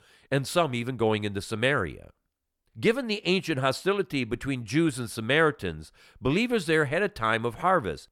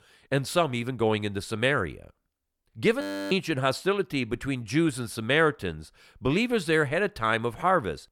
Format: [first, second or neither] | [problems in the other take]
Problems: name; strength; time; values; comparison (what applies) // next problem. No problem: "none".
first | audio freezing; at 3 s